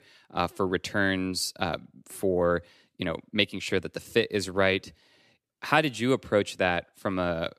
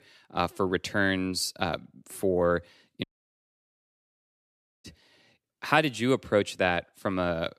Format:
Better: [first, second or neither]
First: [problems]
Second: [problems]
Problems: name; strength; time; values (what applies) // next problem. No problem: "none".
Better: first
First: none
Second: audio cutting out; at 3 s for 2 s